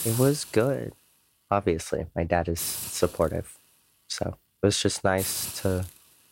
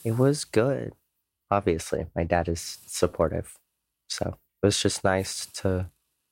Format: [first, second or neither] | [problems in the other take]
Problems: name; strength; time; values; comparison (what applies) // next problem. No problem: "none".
second | hiss; loud; throughout; 6 dB below the speech; faint in the second